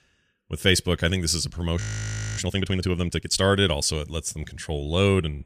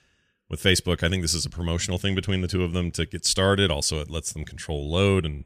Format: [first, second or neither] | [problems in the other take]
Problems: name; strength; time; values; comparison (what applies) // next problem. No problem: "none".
second | audio freezing; at 2 s for 0.5 s